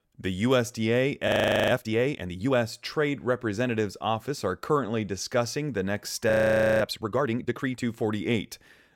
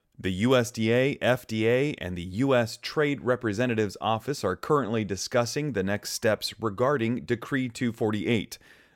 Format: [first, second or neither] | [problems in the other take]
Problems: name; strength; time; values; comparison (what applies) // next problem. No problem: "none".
second | audio freezing; at 1.5 s and at 6.5 s for 0.5 s